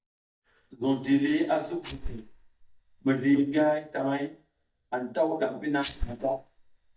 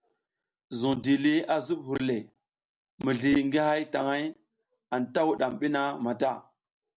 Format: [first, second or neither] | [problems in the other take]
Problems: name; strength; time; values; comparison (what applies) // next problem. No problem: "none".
second | noise reduction (neural mask model DeepFilterNet 3)